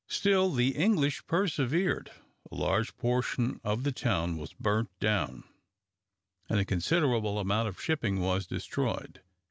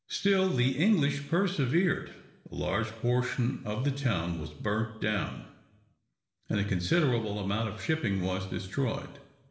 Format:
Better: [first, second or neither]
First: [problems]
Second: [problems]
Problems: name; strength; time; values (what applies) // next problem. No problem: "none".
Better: first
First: none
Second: room echo; dies away in 0.9 s